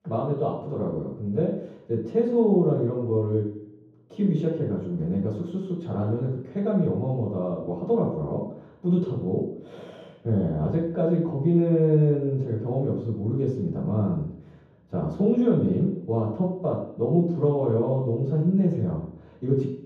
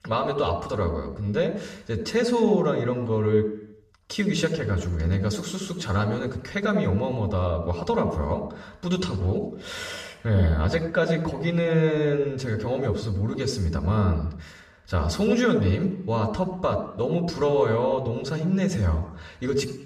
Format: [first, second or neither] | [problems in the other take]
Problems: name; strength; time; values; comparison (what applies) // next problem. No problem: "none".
second | room echo; strong; dies away in 0.9 s; slight in the second // off-mic speech; far; far in the second